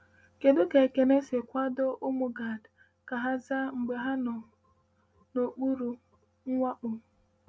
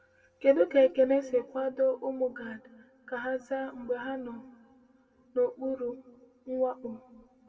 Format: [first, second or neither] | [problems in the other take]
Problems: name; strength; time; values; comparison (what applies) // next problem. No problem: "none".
first | room echo; dies away in 1.5 s